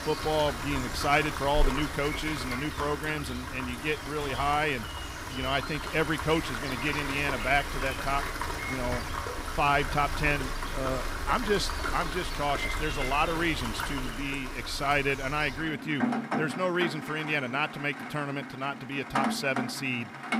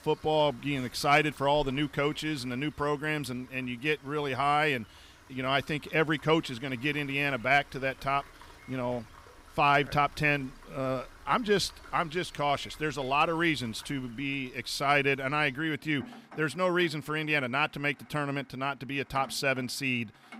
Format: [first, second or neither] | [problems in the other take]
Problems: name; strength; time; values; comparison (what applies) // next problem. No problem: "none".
second | rain or running water; loud; throughout; 4 dB below the speech; faint in the second